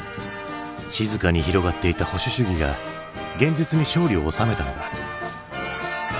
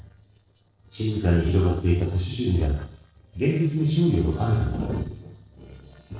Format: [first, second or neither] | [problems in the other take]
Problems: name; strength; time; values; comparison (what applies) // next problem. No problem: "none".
first | noise reduction (neural separator model SepFormer DNS4)